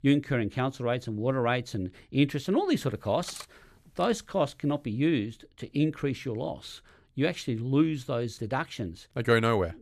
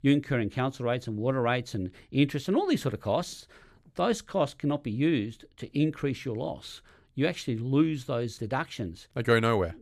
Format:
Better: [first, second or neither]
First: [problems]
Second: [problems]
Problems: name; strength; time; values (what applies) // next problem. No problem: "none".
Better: second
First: clattering dishes; faint; at 3 s; peak 15 dB below the speech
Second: none